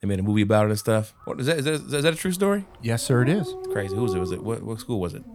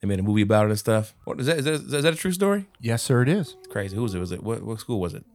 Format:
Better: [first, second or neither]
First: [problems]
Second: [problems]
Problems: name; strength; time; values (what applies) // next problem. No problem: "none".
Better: second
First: animal sounds; loud; throughout; 8 dB below the speech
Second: animal sounds; faint; throughout; 20 dB below the speech